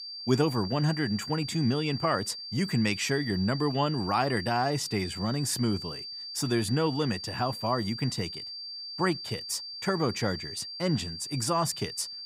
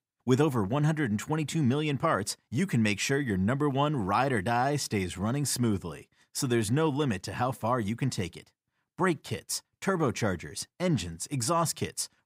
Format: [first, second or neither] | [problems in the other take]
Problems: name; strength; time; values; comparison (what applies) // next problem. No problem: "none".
second | high-pitched whine; loud; throughout; 4.5 kHz, 8 dB below the speech